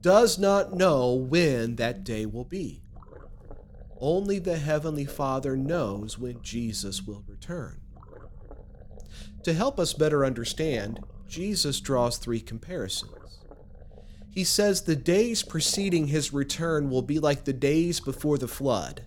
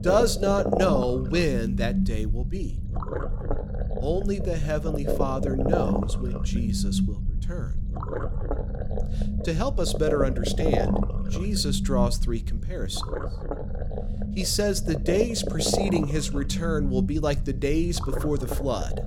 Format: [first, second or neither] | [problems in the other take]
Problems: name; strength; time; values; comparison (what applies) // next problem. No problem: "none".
first | low rumble; loud; throughout; 4 dB below the speech; faint in the first